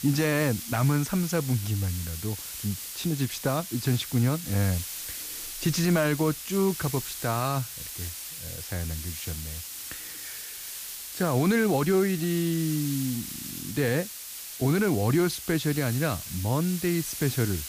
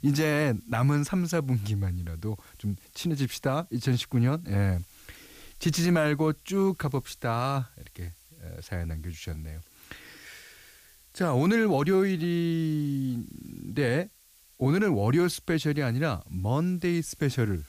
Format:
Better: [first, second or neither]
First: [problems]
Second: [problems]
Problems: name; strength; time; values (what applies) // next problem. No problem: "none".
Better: second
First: hiss; loud; throughout; 8 dB below the speech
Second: hiss; faint; throughout; 25 dB below the speech